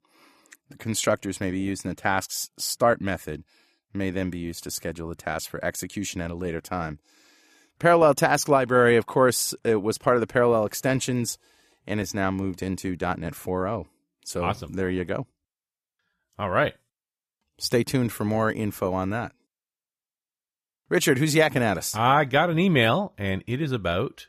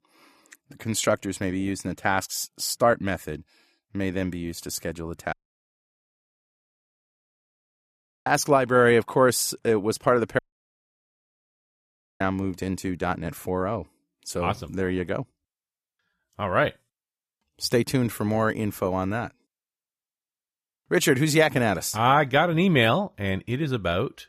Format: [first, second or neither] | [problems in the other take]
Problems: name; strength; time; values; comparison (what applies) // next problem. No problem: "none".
first | audio cutting out; at 5.5 s for 3 s and at 10 s for 2 s